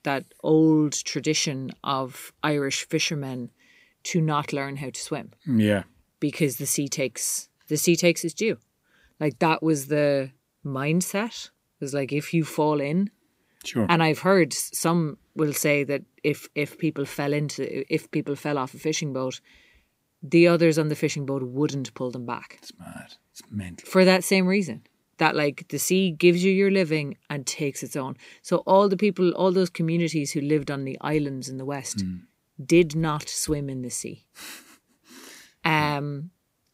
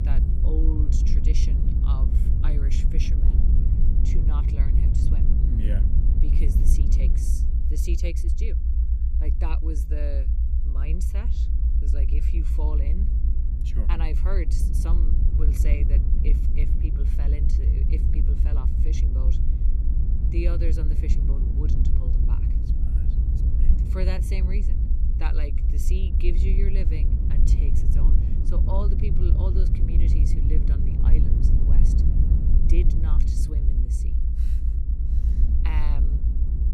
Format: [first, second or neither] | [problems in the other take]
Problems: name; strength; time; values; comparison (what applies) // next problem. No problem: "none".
first | low rumble; loud; throughout; 1 dB below the speech